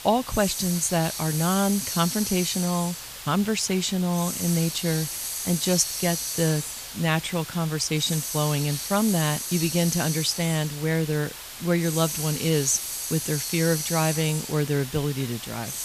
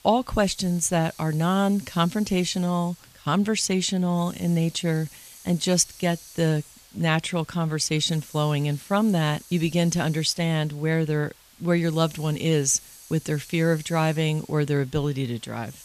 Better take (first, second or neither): second